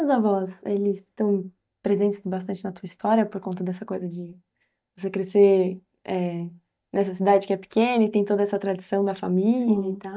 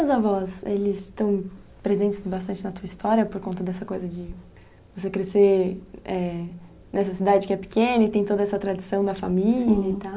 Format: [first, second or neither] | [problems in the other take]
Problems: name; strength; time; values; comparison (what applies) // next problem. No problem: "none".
second | noise reduction (neural mask model DeepFilterNet 3)